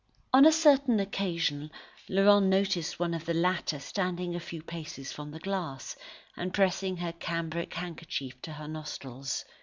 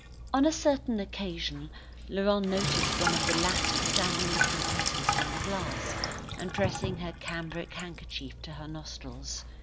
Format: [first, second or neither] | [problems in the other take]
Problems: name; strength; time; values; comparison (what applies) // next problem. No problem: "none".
first | background sound (Sink (filling or washing)); as loud as the speech